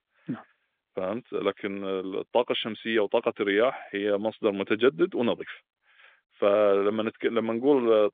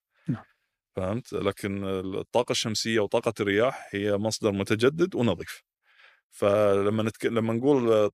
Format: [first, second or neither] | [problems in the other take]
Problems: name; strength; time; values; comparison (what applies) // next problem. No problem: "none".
second | phone-call audio; nothing above 3.5 kHz